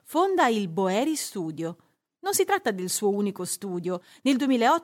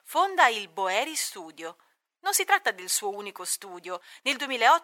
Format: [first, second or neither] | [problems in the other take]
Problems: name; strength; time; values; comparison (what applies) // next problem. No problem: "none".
first | thin; very; fading below 850 Hz